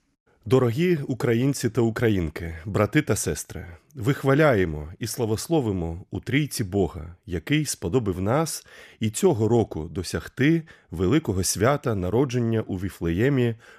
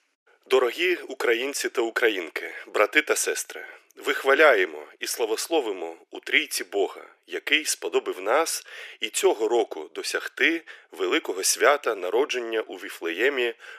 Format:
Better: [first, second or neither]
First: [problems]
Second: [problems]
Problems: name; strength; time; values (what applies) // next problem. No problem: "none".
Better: first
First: none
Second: thin; very; fading below 350 Hz